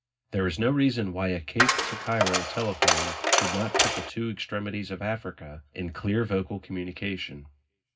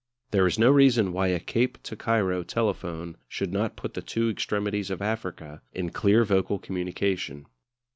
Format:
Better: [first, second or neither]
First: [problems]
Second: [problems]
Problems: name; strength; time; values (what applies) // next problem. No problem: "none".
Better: second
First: background sound (Coin (dropping)); 4 dB above the speech // room echo; dies away in 0.4 s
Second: none